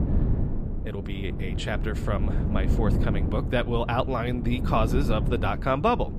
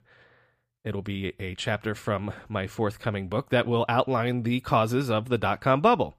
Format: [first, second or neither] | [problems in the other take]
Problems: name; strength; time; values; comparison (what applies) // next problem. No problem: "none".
second | wind noise on the microphone; heavy; 10 dB below the speech